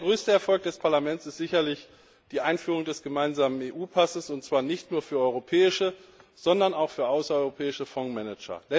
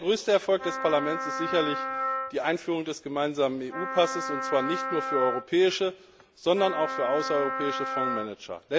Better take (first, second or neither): first